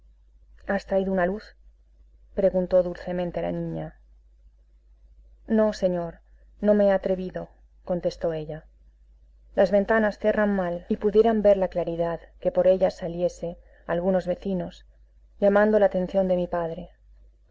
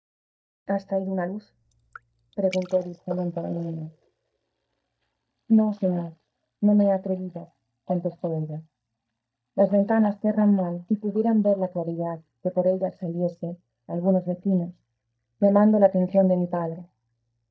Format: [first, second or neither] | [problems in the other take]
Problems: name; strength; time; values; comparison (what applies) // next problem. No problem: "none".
first | noise reduction (neural mask model DeepFilterNet 3)